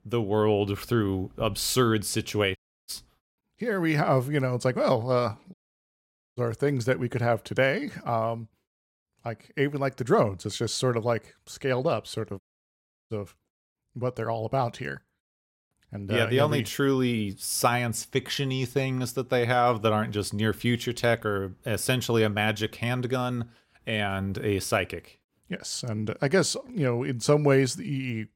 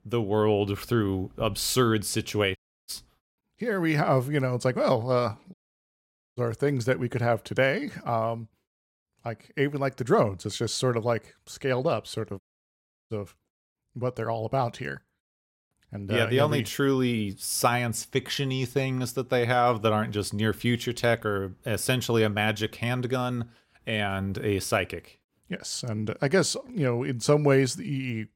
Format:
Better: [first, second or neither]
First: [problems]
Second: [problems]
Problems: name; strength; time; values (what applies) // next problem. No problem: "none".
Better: neither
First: audio cutting out; at 2.5 s, at 5.5 s for 1 s and at 12 s for 0.5 s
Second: audio cutting out; at 2.5 s, at 5.5 s for 1 s and at 12 s for 0.5 s